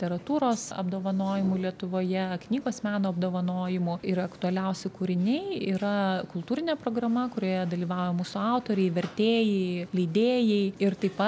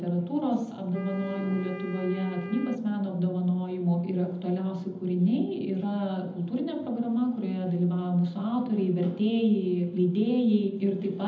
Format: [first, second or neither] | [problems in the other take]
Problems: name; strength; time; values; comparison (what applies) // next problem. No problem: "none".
first | background sound (Wind instrument, woodwind instrument); 15 dB below the speech // room echo; dies away in 0.8 s